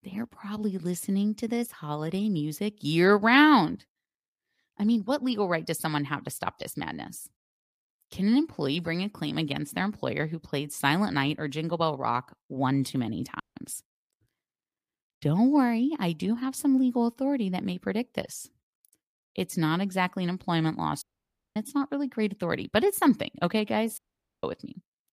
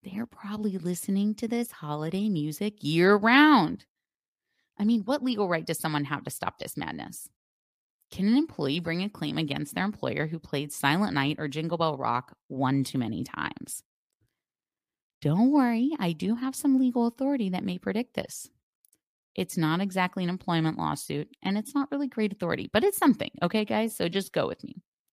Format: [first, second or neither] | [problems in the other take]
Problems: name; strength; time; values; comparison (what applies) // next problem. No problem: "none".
second | audio cutting out; at 13 s, at 21 s for 0.5 s and at 24 s